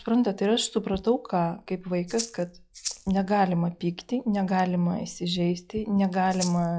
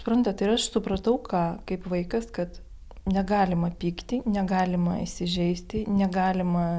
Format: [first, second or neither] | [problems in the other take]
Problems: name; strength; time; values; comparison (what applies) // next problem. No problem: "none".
second | noise reduction (classical method log-MMSE)